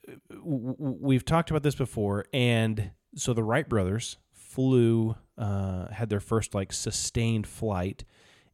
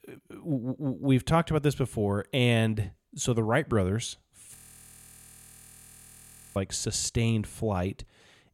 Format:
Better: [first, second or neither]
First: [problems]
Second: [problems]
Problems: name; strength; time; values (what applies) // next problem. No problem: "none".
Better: first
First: none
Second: audio freezing; at 4.5 s for 2 s